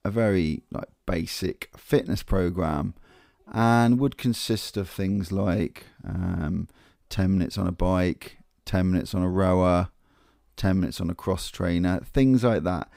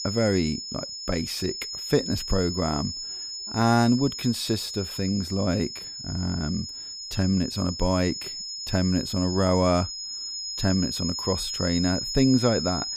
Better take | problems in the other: first | high-pitched whine; loud; throughout; 5 kHz, 6 dB below the speech

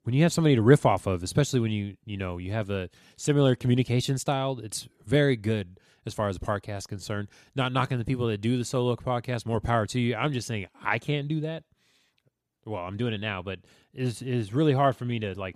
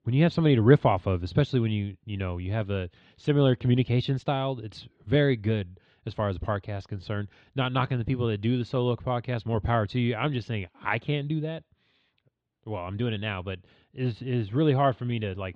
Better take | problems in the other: first | muffled; slightly; fading above 3.5 kHz

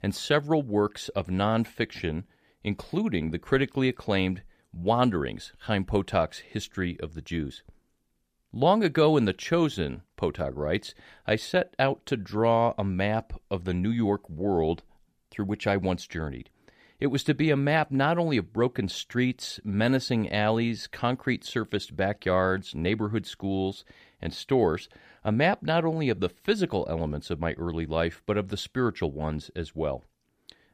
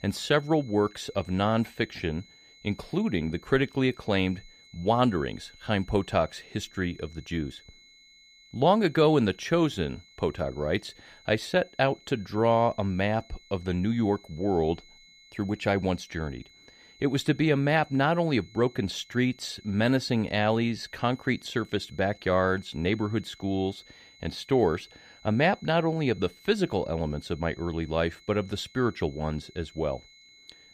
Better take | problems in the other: first | high-pitched whine; faint; throughout; 4 kHz, 25 dB below the speech

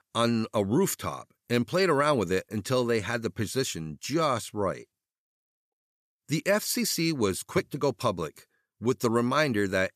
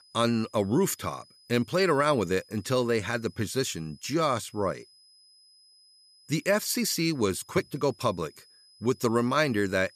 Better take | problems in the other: first | high-pitched whine; faint; throughout; 5 kHz, 30 dB below the speech

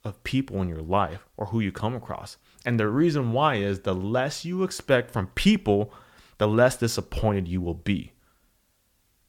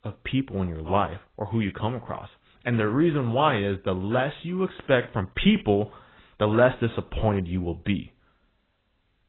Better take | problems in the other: first | garbled, watery; badly; nothing above 3.5 kHz

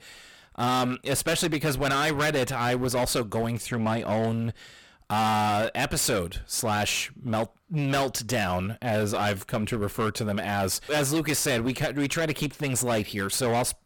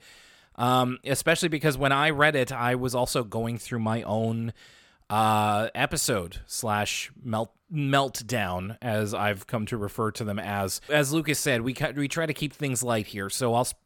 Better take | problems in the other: second | distortion; heavy; 20% of the sound clipped

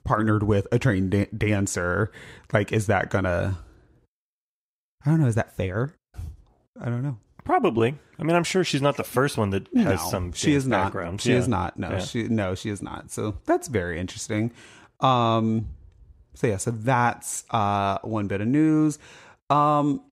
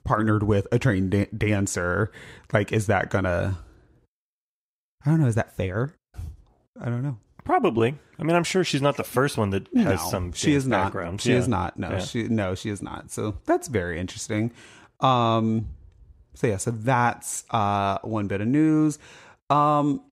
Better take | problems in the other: neither | none

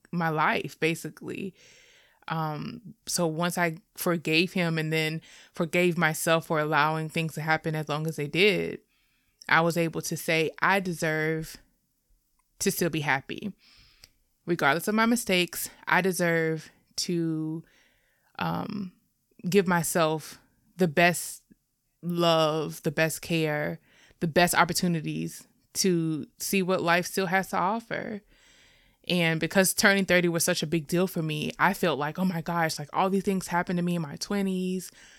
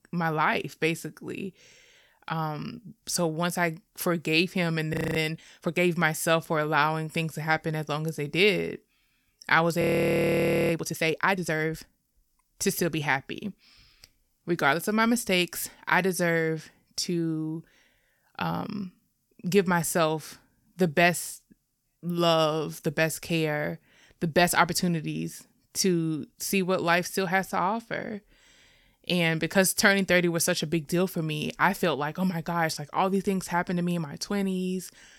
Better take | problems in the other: first | audio freezing; at 5 s and at 10 s for 1 s

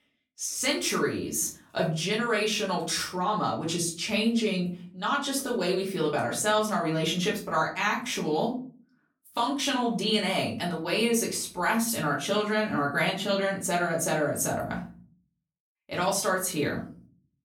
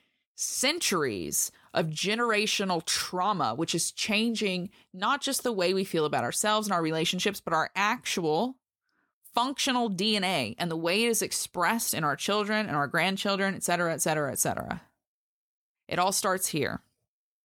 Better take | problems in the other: second | off-mic speech; far // room echo; slight; dies away in 0.4 s

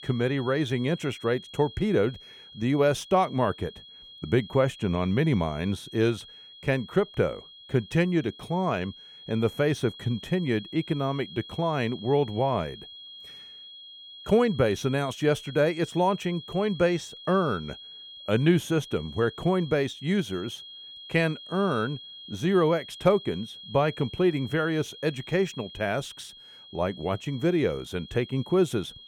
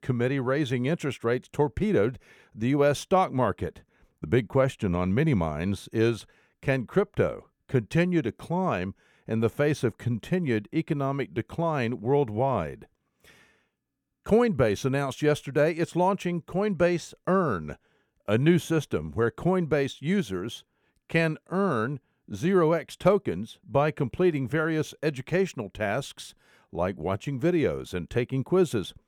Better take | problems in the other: second | high-pitched whine; noticeable; throughout; 3.5 kHz, 15 dB below the speech

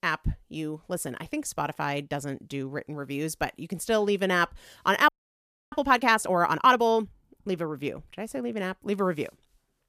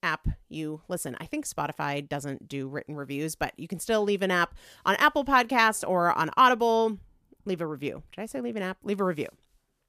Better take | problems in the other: second | audio freezing; at 5 s for 0.5 s

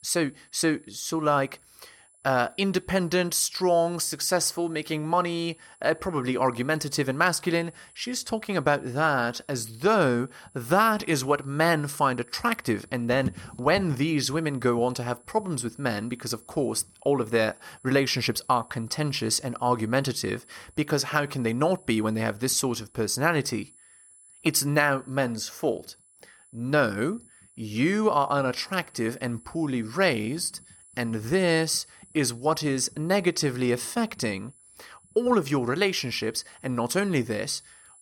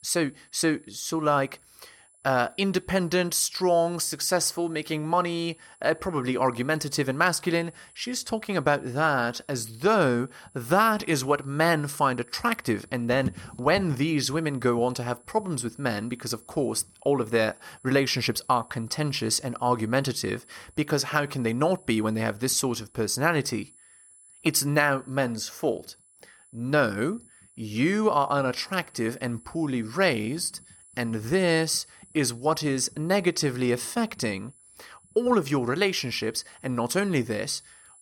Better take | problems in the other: neither | high-pitched whine; faint; throughout; 10 kHz, 25 dB below the speech; the same in both

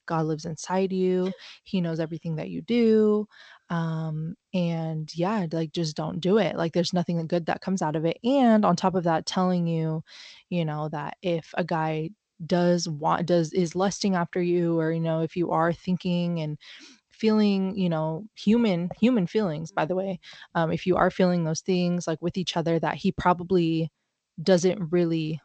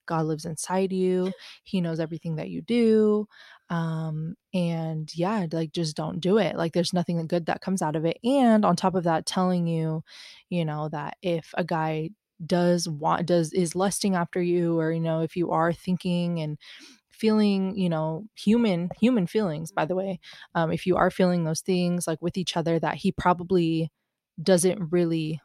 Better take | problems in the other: second | garbled, watery; slightly

